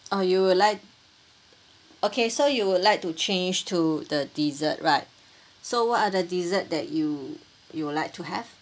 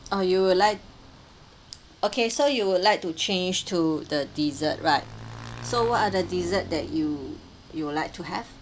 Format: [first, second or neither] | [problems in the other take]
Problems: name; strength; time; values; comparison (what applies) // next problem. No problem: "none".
first | background sound (Chink, clink + Motorcycle / Engine); 16 dB below the speech